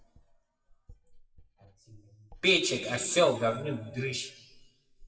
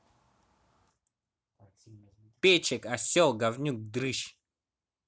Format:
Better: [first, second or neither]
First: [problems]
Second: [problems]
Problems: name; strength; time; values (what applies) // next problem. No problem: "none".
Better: second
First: noise reduction (classical method WPE with log-MMSE)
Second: none